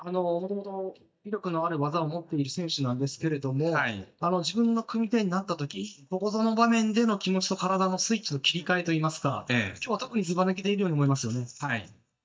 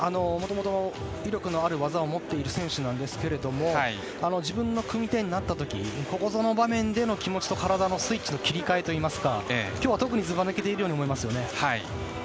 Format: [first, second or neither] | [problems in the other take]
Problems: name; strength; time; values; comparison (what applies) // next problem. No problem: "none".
second | noise reduction (neural mask model DeepFilterNet 3)